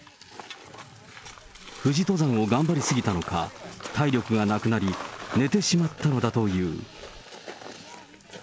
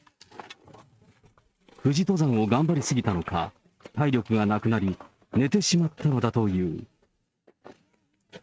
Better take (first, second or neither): first